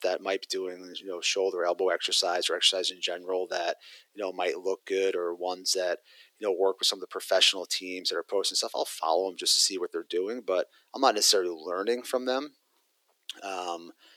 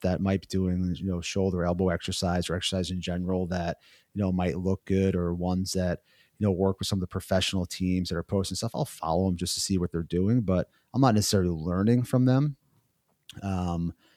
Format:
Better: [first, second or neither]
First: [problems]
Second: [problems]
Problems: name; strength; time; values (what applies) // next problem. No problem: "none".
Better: second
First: thin; very; fading below 350 Hz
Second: none